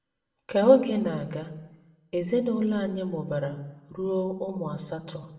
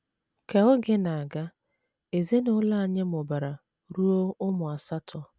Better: second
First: room echo; dies away in 0.8 s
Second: none

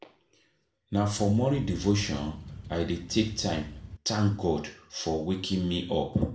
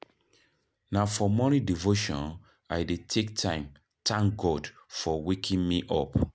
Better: second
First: background sound (Boat, Water vehicle); 14 dB below the speech // room echo; dies away in 0.4 s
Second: none

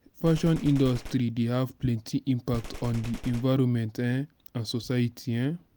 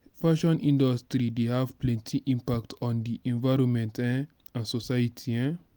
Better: second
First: background sound (Gunshot, gunfire); 14 dB below the speech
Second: none

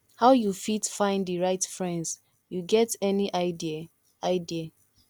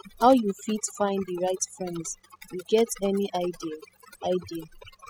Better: first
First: none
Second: noise reduction (classical method spectral subtraction)

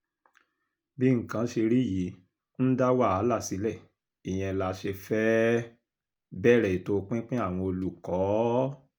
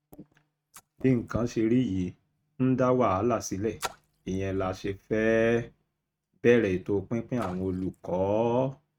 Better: first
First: none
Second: noise reduction (neural mask model RNNoise)

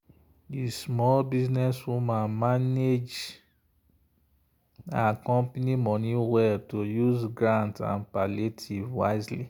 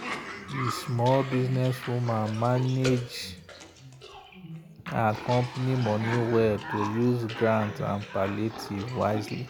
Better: first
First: none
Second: background sound (Cough); 10 dB below the speech

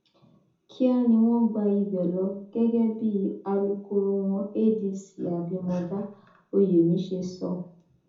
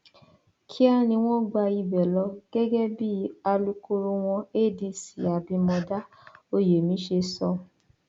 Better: second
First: room echo; dies away in 0.5 s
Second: none

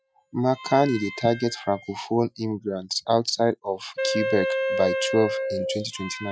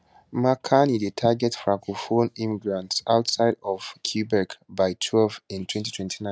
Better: second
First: noise reduction (classical method Wiener filter)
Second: none

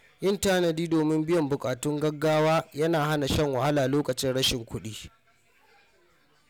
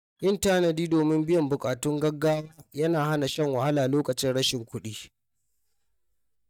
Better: first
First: none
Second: noise reduction (neural mask model DeepFilterNet 3)

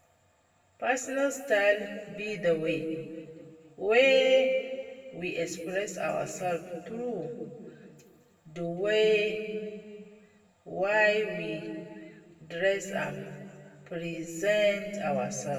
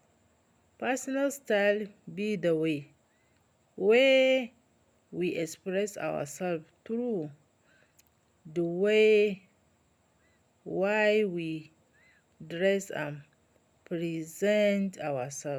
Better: second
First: room echo; dies away in 1.8 s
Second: none

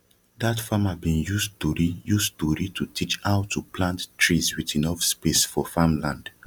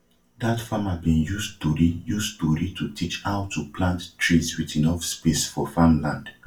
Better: first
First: none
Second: room echo; dies away in 0.2 s

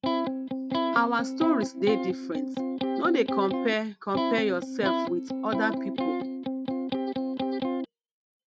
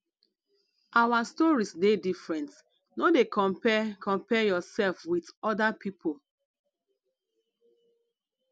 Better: second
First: noise reduction (neural mask model RNNoise)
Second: none

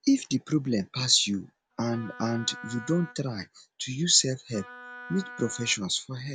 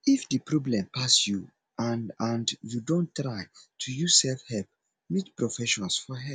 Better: second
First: background sound (Wind instrument, woodwind instrument); 16 dB below the speech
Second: none

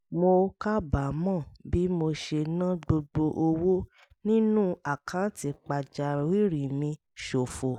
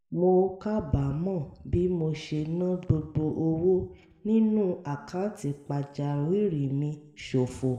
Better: first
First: none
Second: room echo; dies away in 1.5 s

